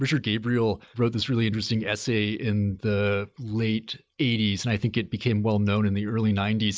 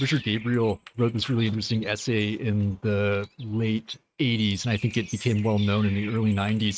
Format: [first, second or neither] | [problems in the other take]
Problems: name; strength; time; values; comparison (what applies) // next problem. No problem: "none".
first | noise reduction (neural mask model RNNoise)